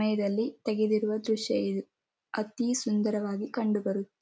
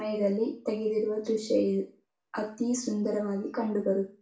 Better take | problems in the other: first | room echo; dies away in 0.3 s

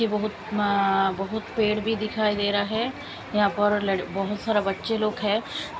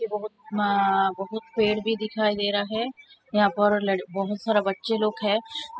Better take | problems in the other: first | noise reduction (classical method spectral subtraction)

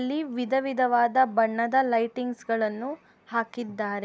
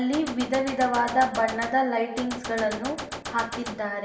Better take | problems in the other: first | background sound (Gunshot, gunfire); 10 dB below the speech // room echo; dies away in 1 s

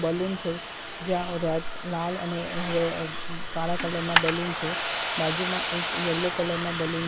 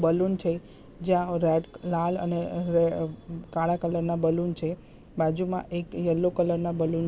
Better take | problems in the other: second | background sound (Coin (dropping) + Domestic sounds, home sounds); 1 dB below the speech

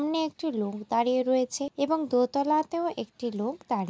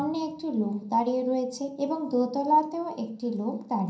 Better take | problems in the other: first | room echo; dies away in 0.6 s

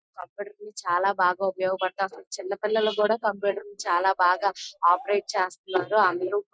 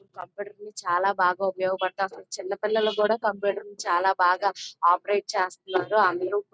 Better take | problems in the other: second | noise reduction (classical method Wiener filter)

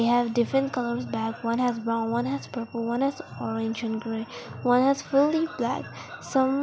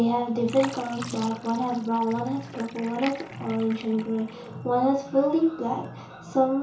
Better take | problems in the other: first | background sound (Fill (with liquid)); 19 dB below the speech // room echo; dies away in 0.7 s

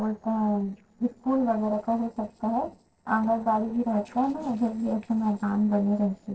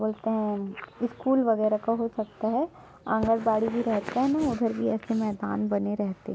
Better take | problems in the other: second | noise reduction (neural separator model SepFormer DNS4)

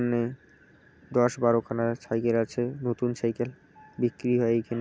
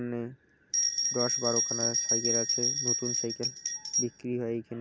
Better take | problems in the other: first | background sound (Bell); 5 dB above the speech

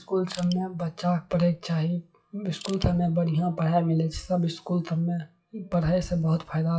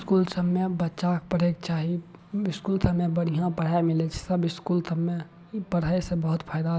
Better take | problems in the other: second | noise reduction (classical method WPE with log-MMSE)

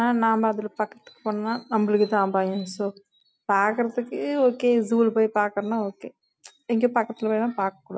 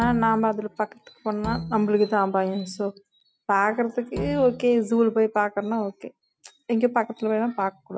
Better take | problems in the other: first | background sound (Bowed string instrument); 12 dB below the speech

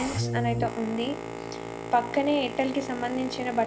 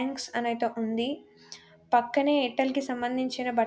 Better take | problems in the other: second | background sound (Boat, Water vehicle); 5 dB below the speech

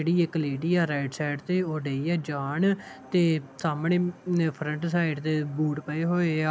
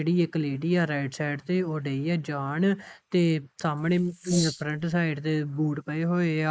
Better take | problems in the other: first | noise reduction (neural mask model Resemble Enhance denoiser)

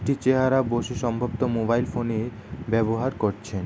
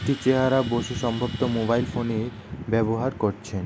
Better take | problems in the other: first | background sound (Drill); 19 dB below the speech

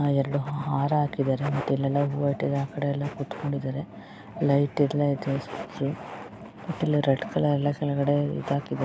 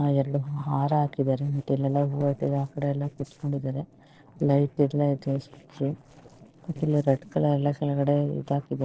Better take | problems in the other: first | noise reduction (neural separator model SepFormer DNS4)

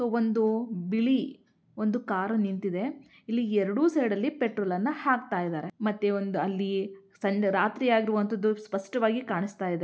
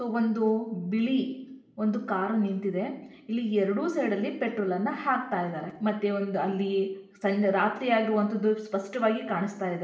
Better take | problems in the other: first | room echo; dies away in 0.8 s

